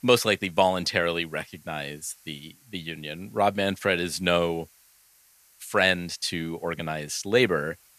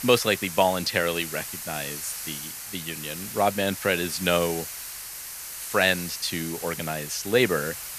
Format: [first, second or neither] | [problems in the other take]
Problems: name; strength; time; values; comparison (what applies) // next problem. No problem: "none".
first | hiss; loud; throughout; 8 dB below the speech; faint in the first